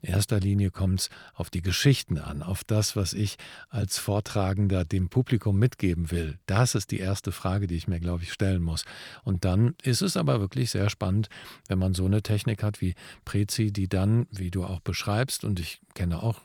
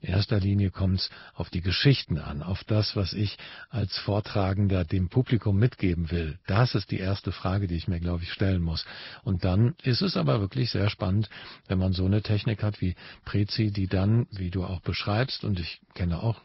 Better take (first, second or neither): first